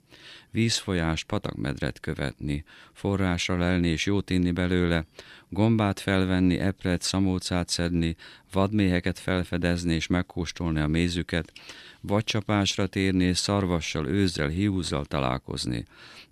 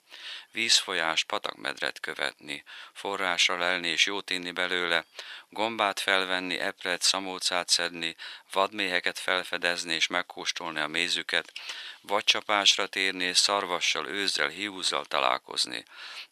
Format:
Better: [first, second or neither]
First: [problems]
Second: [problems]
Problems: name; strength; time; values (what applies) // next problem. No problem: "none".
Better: first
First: none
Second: thin; very; fading below 800 Hz